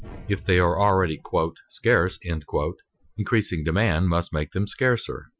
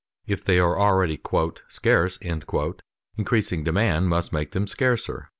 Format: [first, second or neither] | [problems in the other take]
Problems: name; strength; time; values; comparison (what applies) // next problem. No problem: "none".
second | noise reduction (classical method Wiener filter)